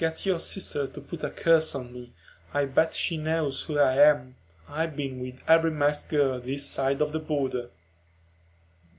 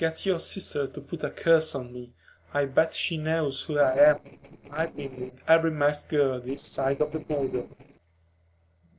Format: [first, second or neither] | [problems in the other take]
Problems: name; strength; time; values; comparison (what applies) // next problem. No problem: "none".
first | noise reduction (neural separator model SepFormer DNS4)